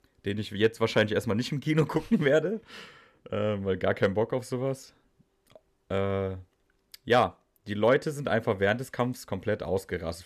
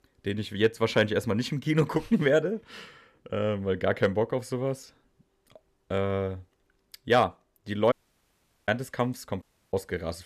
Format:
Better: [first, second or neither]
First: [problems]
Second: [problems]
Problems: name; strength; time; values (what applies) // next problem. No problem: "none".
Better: first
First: none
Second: audio cutting out; at 8 s for 1 s and at 9.5 s